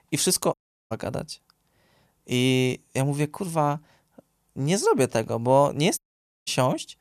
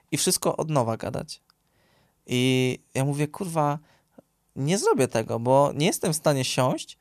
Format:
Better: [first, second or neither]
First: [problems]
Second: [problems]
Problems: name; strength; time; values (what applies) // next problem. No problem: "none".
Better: second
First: audio cutting out; at 0.5 s and at 6 s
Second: none